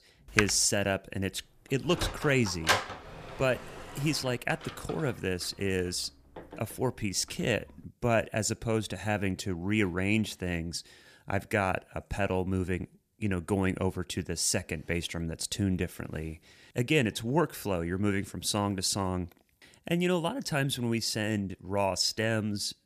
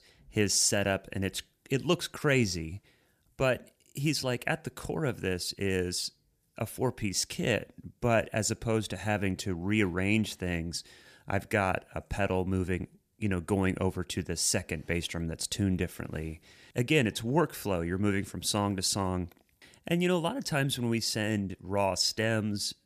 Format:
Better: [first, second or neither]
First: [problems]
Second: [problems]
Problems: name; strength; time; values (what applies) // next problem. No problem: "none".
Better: second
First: keyboard typing; loud; at 0.5 s; peak 1 dB above the speech // door banging; loud; from 2 to 4.5 s; peak 3 dB above the speech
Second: none